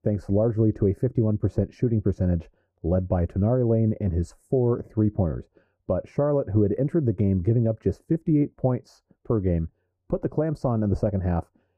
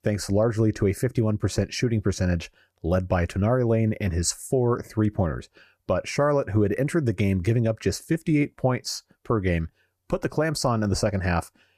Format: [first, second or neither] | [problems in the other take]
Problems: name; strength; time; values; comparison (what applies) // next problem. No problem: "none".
second | muffled; very; fading above 1.5 kHz